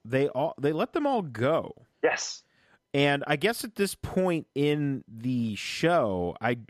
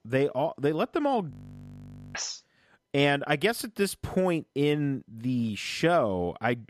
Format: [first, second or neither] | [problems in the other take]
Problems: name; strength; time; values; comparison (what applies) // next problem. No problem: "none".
first | audio freezing; at 1.5 s for 1 s